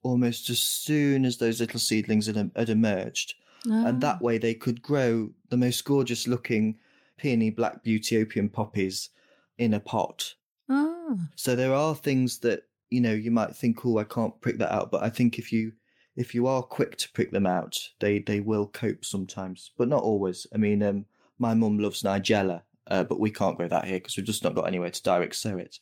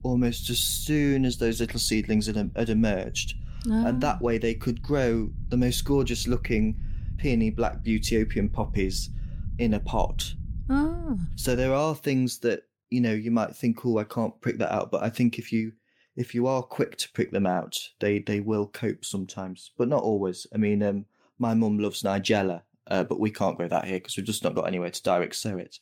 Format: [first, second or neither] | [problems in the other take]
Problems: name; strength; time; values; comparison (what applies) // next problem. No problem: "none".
first | low rumble; faint; until 12 s; 25 dB below the speech